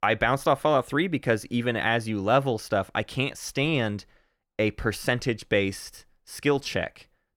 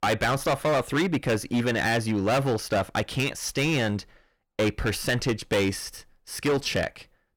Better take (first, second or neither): first